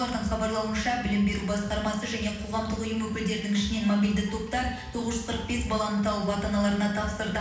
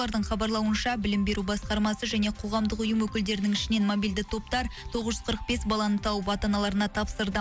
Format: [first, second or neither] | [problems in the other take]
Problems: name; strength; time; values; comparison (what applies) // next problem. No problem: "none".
second | room echo; dies away in 0.9 s